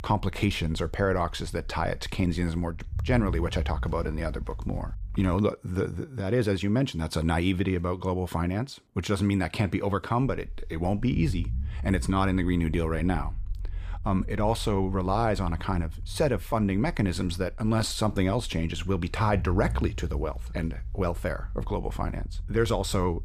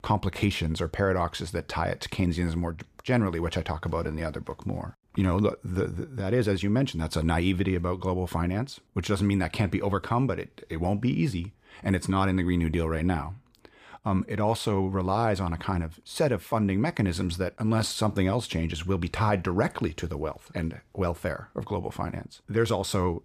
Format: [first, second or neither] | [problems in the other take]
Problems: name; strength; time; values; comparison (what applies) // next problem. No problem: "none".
second | low rumble; faint; until 5.5 s and from 10 s on; 25 dB below the speech